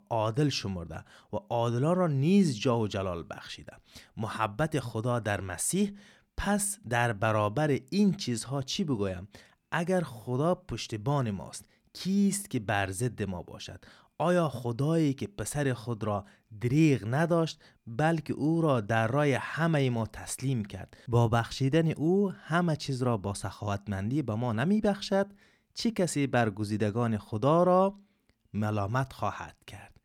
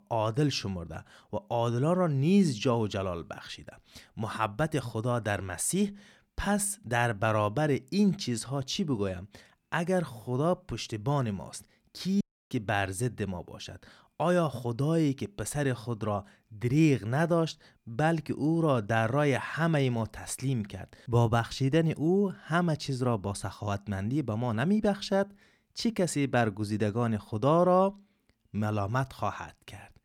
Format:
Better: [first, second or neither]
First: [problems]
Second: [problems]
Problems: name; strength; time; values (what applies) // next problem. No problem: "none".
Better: first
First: none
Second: audio cutting out; at 12 s